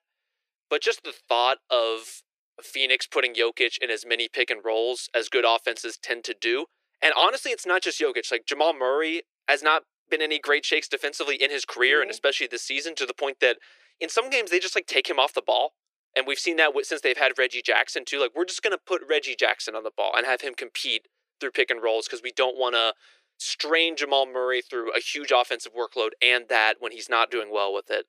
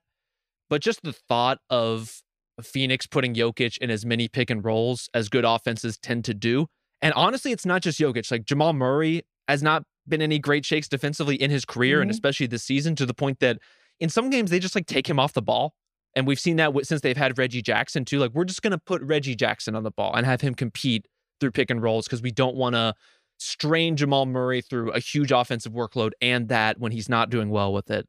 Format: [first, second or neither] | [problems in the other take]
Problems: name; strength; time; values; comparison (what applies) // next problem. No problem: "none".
second | thin; very; fading below 350 Hz